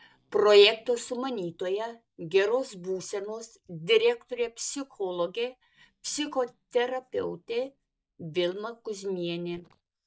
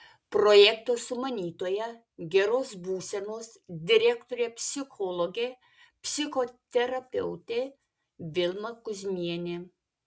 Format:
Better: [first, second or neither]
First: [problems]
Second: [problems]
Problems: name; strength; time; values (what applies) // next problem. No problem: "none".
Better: second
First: noise reduction (neural mask model DeepFilterNet 3)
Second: none